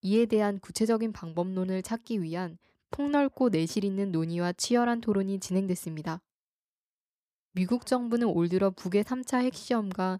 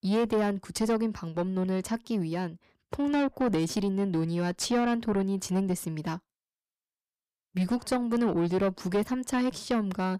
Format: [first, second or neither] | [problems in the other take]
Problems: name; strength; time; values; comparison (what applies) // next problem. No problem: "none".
first | distortion; slight; 9 dB below the speech